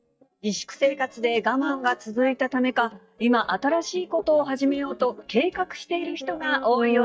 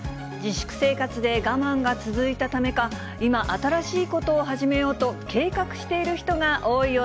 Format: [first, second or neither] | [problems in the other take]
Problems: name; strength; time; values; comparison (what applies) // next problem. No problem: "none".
second | noise reduction (neural mask model DeepFilterNet 3)